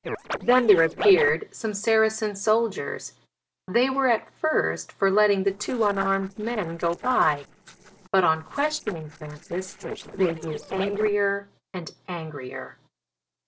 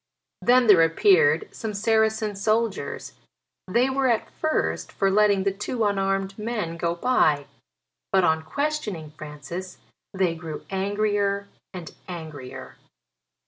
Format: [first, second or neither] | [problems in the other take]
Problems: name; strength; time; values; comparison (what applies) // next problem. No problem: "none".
second | noise reduction (neural separator model SepFormer DNS4)